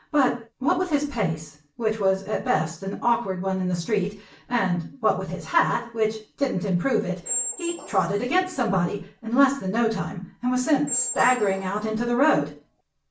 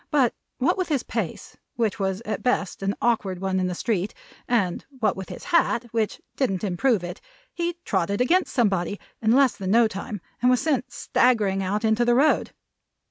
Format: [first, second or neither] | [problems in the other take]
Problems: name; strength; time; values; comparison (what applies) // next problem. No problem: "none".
second | background sound (Squeak); 9 dB below the speech // room echo; dies away in 0.3 s